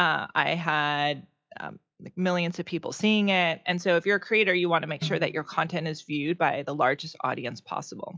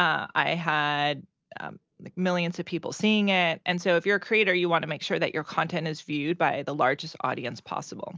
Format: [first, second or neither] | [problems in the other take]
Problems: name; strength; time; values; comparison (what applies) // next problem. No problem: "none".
second | noise reduction (classical method log-MMSE)